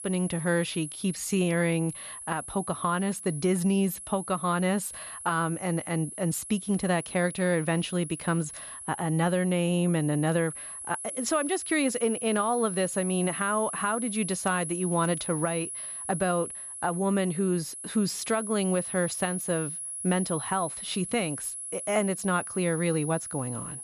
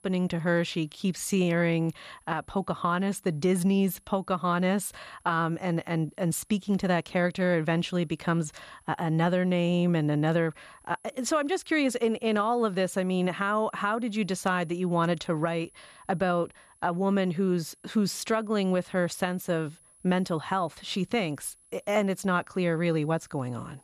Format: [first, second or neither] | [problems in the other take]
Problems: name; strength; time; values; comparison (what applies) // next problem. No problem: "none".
second | high-pitched whine; loud; throughout; 10.5 kHz, 7 dB below the speech; faint in the second